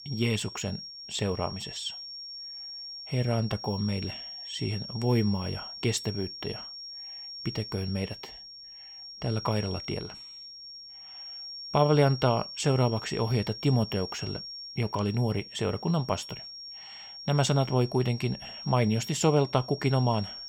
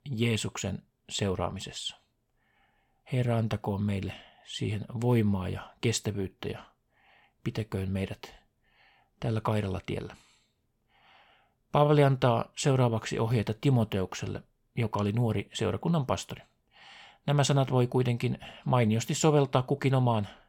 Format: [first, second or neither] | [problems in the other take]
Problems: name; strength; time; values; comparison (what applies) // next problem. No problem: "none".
second | high-pitched whine; noticeable; throughout; 5.5 kHz, 10 dB below the speech